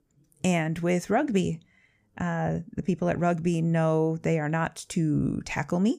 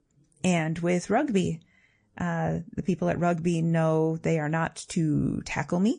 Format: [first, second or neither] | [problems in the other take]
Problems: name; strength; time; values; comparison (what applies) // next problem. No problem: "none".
first | garbled, watery; slightly; nothing above 10 kHz